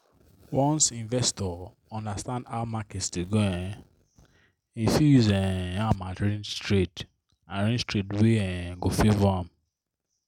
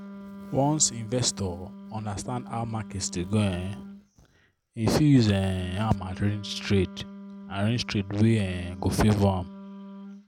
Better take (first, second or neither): first